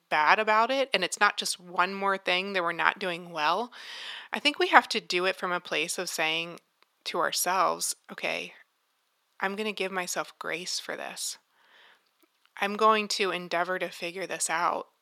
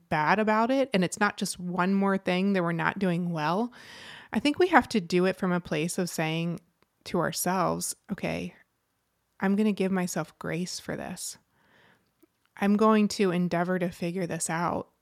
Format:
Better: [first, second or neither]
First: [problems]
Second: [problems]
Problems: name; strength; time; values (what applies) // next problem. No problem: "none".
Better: second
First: thin; very; fading below 450 Hz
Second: none